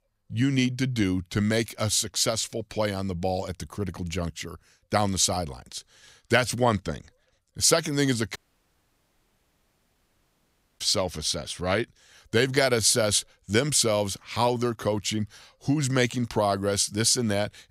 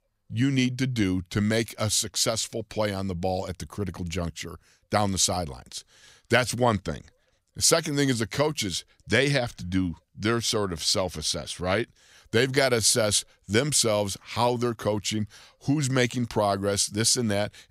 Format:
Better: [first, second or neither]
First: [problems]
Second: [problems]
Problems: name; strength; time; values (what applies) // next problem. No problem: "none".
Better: second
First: audio cutting out; at 8.5 s for 2.5 s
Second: none